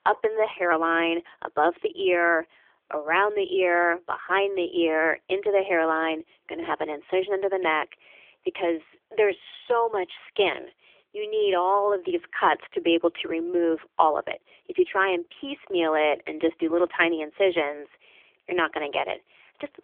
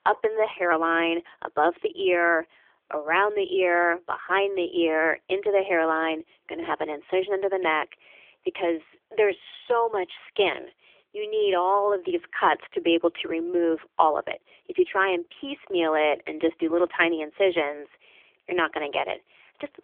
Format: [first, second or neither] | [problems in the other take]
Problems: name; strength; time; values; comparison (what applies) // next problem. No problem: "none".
neither | phone-call audio; nothing above 3.5 kHz; the same in both